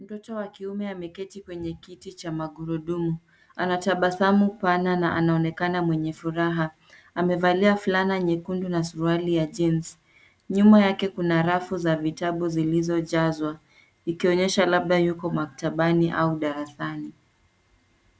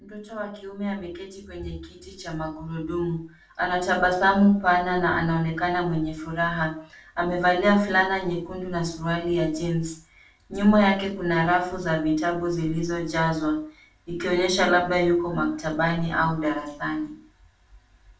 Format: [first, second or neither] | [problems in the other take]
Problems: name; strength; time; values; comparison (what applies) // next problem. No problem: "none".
first | room echo; dies away in 0.4 s